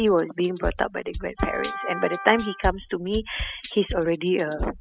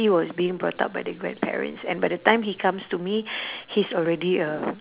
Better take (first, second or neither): second